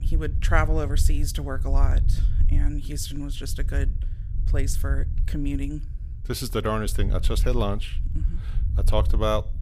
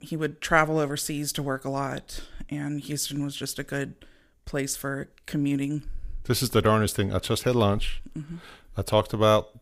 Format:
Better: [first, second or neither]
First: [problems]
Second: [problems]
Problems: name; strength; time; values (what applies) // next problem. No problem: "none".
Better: second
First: low rumble; noticeable; throughout; 15 dB below the speech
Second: none